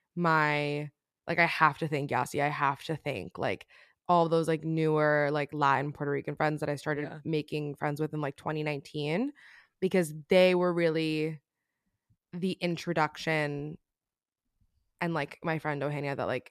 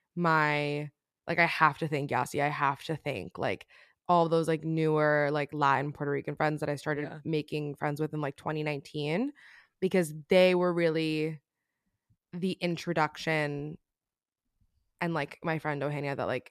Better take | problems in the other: neither | none

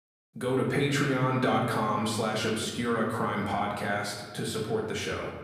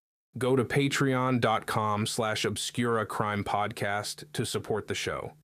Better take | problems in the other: second | room echo; noticeable; dies away in 1.1 s // off-mic speech; far

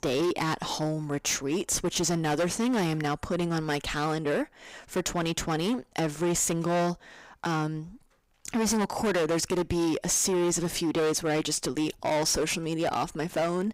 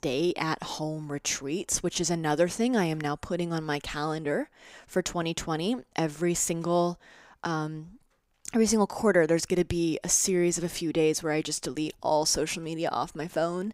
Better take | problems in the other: second | distortion; heavy; 18% of the sound clipped

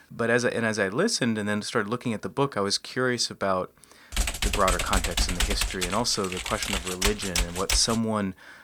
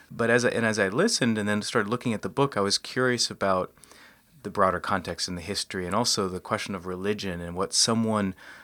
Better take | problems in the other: second | keyboard typing; loud; from 4 to 8 s; peak 1 dB above the speech

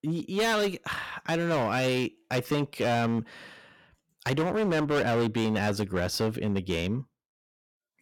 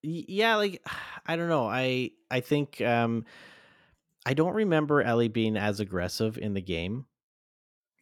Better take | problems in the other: second | distortion; heavy; 16% of the sound clipped

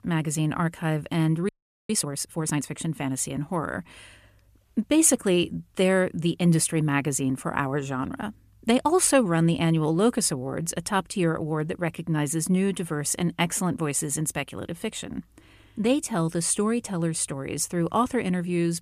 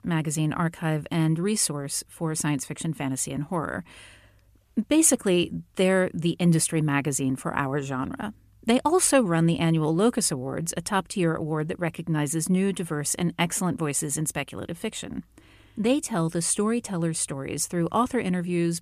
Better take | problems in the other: second | audio freezing; at 1.5 s

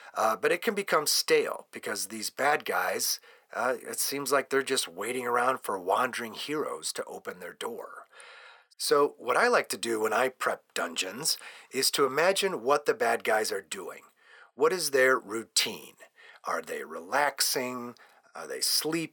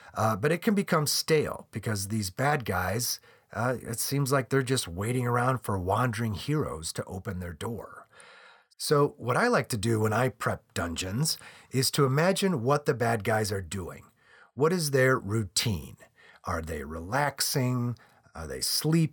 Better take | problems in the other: second | thin; somewhat; fading below 350 Hz

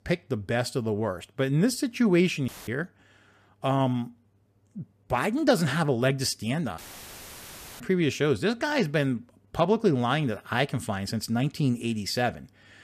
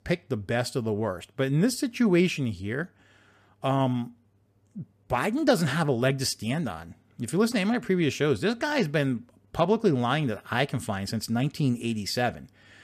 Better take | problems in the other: second | audio cutting out; filled with static; at 2.5 s and at 7 s for 1 s

